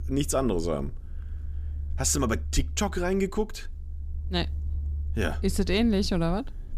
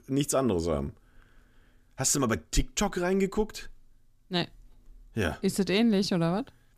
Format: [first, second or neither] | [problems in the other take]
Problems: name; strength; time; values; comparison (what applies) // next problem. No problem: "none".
second | low rumble; faint; throughout; 25 dB below the speech